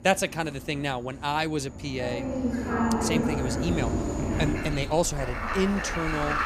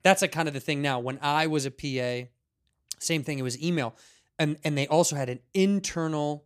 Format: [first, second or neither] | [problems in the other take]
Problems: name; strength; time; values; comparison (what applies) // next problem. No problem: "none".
second | animal sounds; very loud; throughout; as loud as the speech